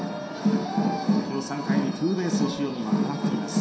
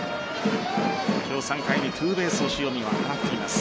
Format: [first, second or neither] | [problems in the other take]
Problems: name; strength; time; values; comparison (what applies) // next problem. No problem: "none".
second | room echo; dies away in 0.7 s